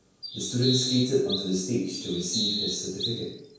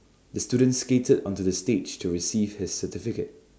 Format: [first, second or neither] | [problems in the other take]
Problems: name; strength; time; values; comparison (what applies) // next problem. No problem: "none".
second | background sound (Bird vocalization, bird call, bird song); 5 dB below the speech // room echo; dies away in 0.7 s